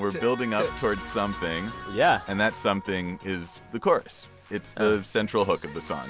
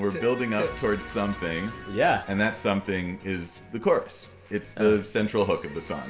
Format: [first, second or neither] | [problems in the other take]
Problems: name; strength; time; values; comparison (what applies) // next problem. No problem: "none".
first | room echo; dies away in 1.5 s